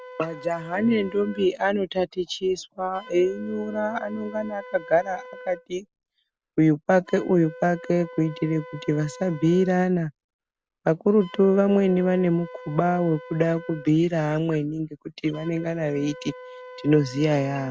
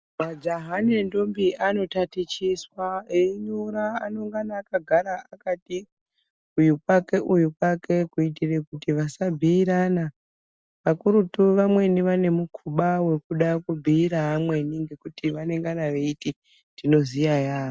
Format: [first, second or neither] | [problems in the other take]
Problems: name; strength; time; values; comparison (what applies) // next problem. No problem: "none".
second | background sound (Wind instrument, woodwind instrument); 19 dB below the speech